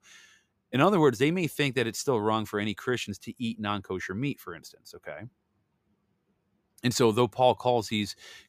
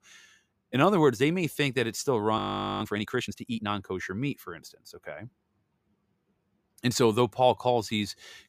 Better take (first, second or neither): first